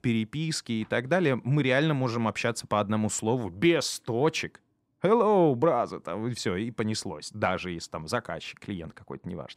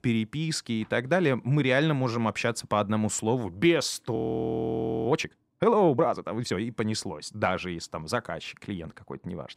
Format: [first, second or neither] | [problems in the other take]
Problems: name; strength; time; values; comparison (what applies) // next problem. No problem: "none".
first | audio freezing; at 4 s for 1 s